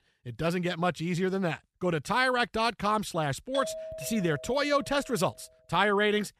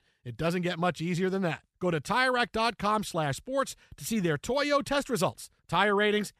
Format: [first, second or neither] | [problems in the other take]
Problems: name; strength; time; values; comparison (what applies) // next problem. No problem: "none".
second | doorbell; noticeable; from 3.5 to 5 s; peak 8 dB below the speech